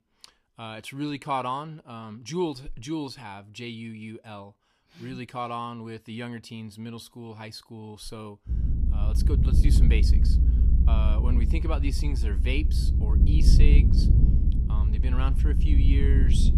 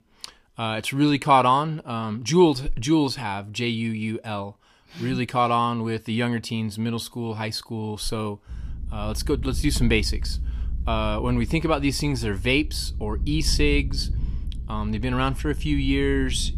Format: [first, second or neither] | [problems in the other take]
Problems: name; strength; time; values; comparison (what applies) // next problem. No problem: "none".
second | low rumble; loud; from 8.5 s on; 4 dB below the speech; faint in the second